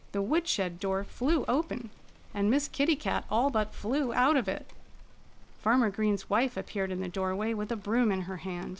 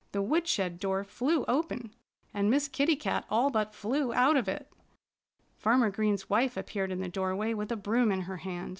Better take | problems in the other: second | background sound (Rain); 13 dB below the speech

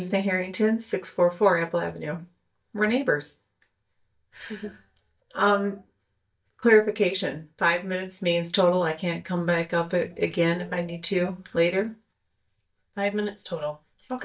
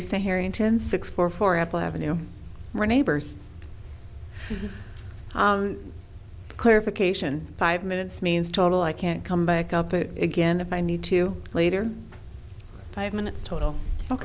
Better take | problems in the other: second | noise reduction (neural mask model DeepFilterNet 3)

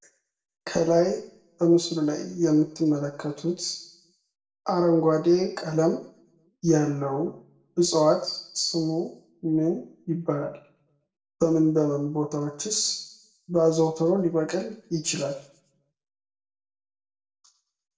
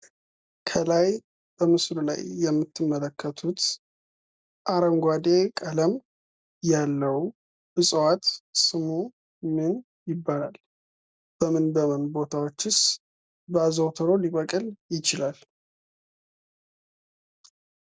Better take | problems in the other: second | room echo; dies away in 0.5 s

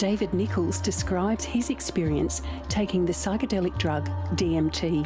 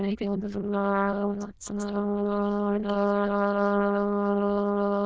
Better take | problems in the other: first | noise reduction (neural diffusion model UNIVERSE++)

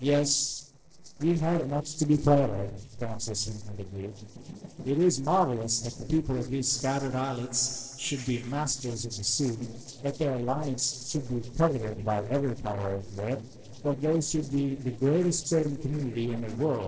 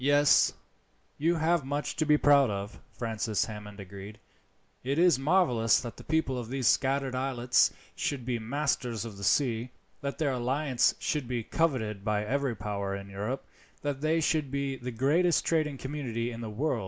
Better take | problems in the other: second | noise reduction (neural separator model SepFormer DNS4)

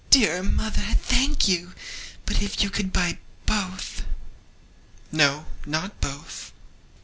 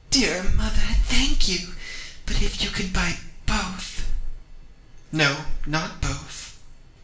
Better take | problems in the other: first | room echo; dies away in 0.5 s

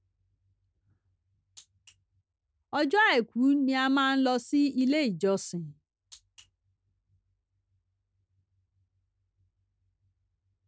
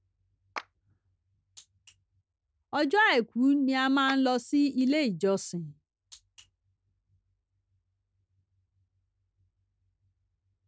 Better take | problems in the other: first | background sound (Clapping); 17 dB below the speech

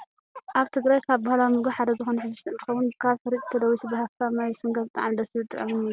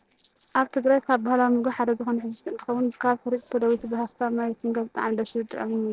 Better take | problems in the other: first | noise reduction (neural separator model SepFormer DNS4)

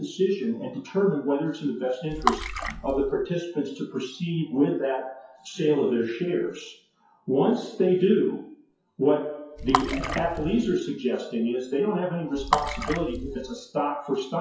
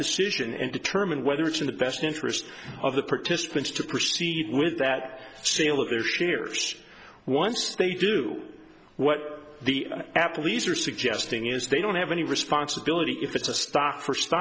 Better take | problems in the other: second | noise reduction (classical method WPE with log-MMSE)

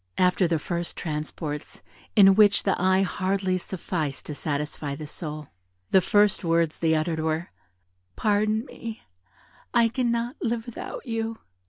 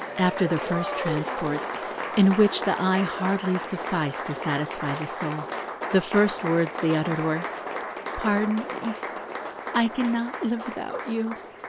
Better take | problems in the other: first | background sound (Applause); 6 dB below the speech

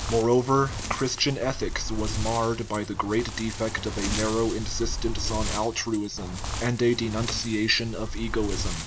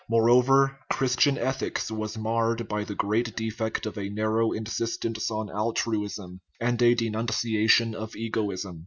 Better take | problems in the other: second | background sound (Wind); 5 dB below the speech

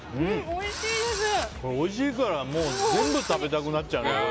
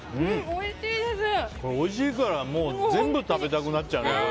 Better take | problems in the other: second | background sound (Engine / Drill); 10 dB below the speech

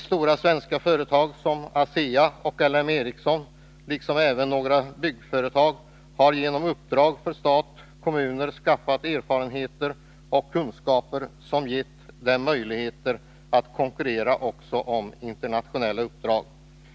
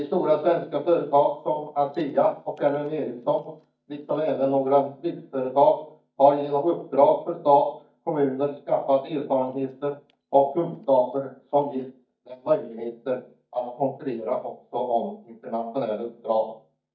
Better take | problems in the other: first | noise reduction (neural mask model DeepFilterNet 3)

